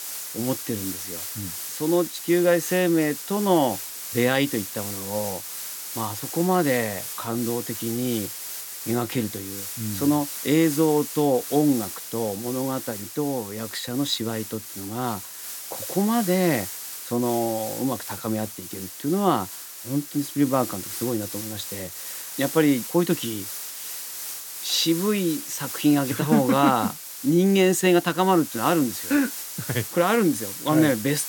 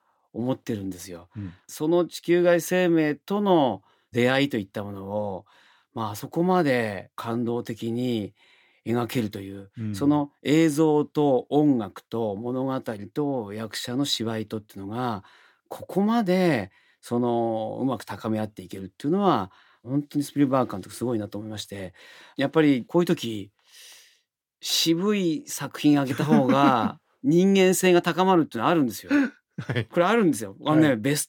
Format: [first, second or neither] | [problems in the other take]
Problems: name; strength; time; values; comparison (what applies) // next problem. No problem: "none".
second | hiss; loud; throughout; 8 dB below the speech